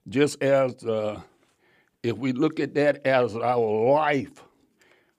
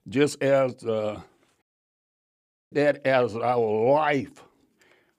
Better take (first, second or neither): first